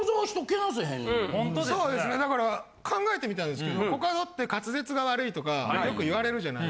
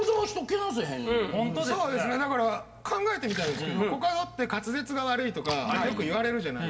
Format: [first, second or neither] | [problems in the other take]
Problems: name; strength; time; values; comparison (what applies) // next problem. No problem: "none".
first | background sound (Splash, splatter); 17 dB below the speech // room echo; dies away in 1.9 s